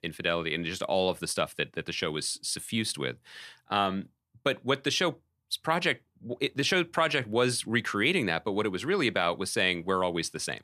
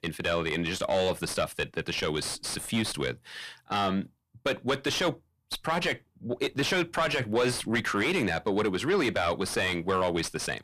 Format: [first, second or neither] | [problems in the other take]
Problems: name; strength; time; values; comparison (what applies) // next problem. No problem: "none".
first | distortion; heavy; 6 dB below the speech